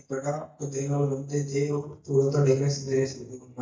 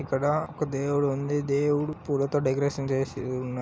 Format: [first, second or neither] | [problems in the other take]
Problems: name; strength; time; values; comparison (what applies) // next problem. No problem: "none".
second | noise reduction (neural mask model DeepFilterNet 3)